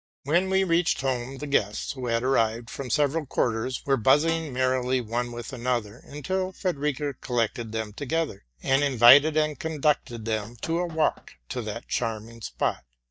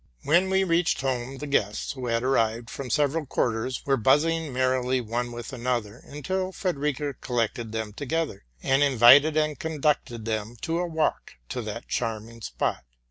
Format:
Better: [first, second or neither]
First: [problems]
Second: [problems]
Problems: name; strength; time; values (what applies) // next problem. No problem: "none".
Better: second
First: noise reduction (neural mask model DeepFilterNet 3)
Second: none